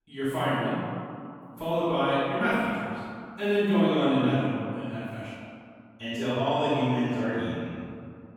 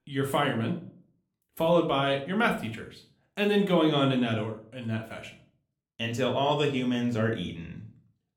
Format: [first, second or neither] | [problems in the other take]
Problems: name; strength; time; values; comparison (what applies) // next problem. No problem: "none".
second | room echo; strong; dies away in 2.3 s; slight in the second // off-mic speech; far; somewhat distant in the second